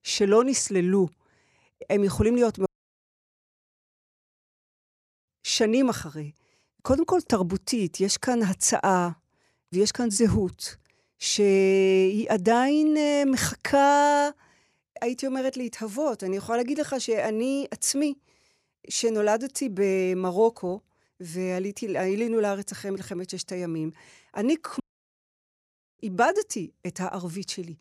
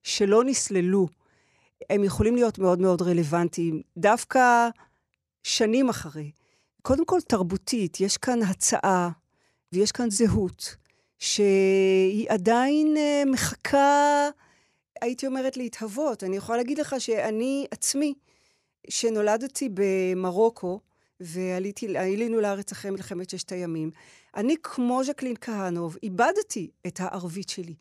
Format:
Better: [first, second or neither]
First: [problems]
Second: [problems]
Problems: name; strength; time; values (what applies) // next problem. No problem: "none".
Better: second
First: audio cutting out; at 2.5 s for 2.5 s and at 25 s for 1 s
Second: none